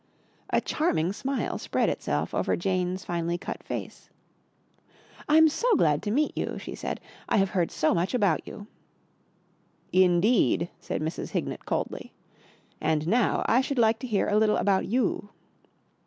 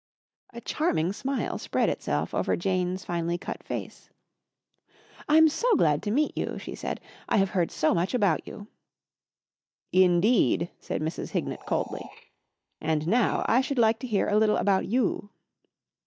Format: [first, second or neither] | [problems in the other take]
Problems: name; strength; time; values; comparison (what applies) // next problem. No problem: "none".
first | noise reduction (neural mask model DeepFilterNet 3)